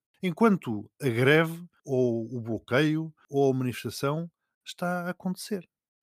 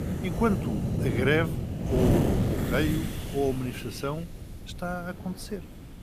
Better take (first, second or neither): first